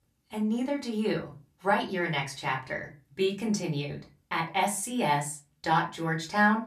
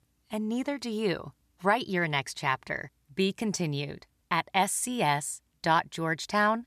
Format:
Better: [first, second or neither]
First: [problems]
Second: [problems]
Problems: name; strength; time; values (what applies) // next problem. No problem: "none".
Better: second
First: off-mic speech; somewhat distant // room echo; very slight; dies away in 0.2 s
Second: none